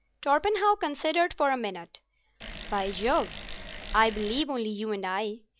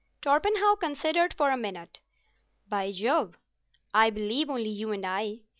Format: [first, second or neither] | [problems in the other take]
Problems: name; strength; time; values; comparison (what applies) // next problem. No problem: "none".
second | background sound (Bicycle); 10 dB below the speech